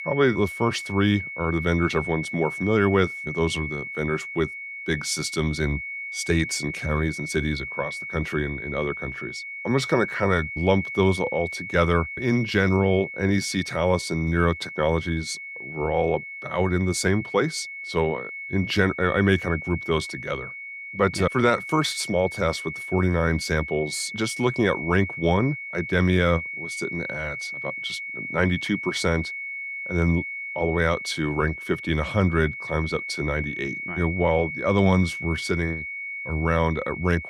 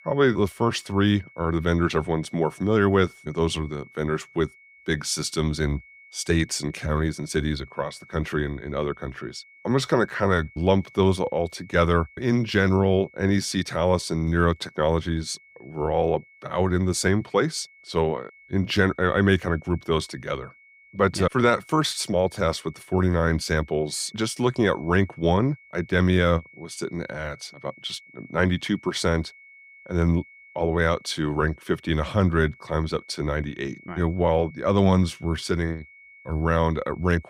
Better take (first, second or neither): second